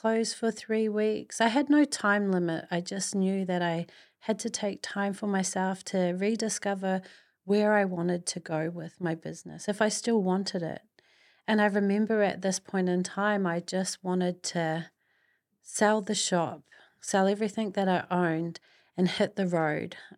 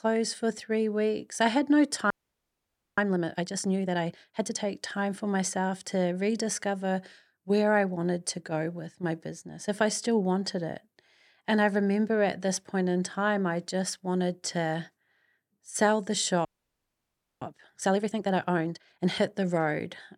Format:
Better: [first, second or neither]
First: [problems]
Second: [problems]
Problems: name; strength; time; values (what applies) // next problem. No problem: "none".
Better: first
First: none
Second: audio freezing; at 2 s for 1 s and at 16 s for 1 s